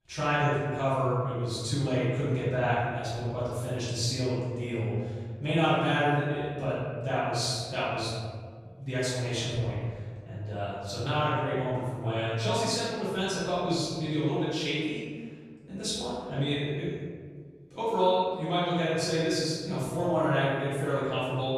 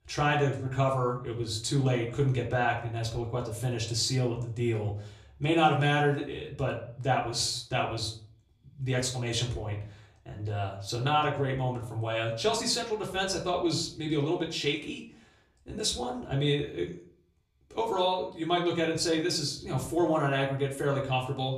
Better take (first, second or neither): second